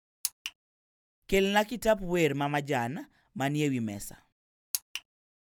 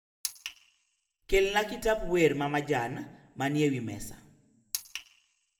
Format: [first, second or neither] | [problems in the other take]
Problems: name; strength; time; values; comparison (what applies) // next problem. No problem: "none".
first | room echo; dies away in 0.7 s